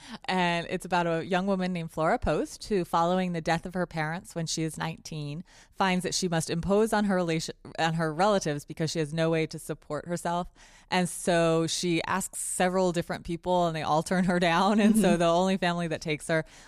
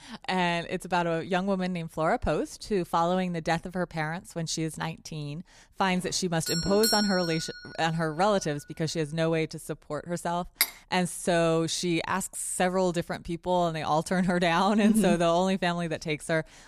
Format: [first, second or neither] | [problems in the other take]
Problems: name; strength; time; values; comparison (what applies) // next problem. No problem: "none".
first | doorbell; loud; from 6.5 to 7.5 s; peak 2 dB above the speech // clattering dishes; noticeable; at 11 s; peak level with the speech